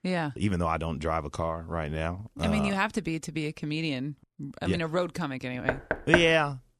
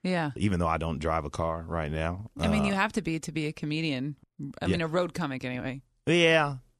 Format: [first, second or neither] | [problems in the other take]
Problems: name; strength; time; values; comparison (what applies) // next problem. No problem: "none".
second | door banging; loud; at 5.5 s; peak 3 dB above the speech